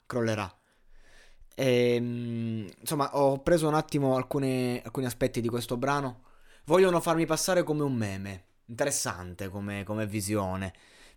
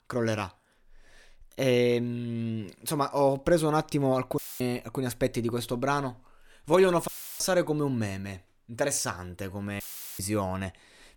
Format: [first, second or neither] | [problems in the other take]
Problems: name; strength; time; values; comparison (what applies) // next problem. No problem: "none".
first | audio cutting out; filled with static; at 4.5 s, at 7 s and at 10 s